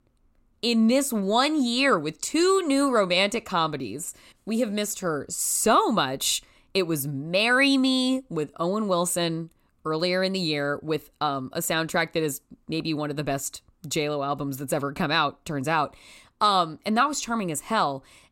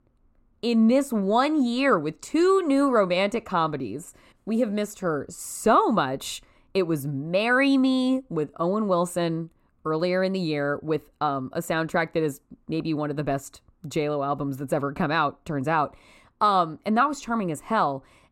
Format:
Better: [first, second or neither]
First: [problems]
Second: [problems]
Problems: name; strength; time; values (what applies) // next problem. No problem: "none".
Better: first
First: none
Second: muffled; slightly; fading above 2.5 kHz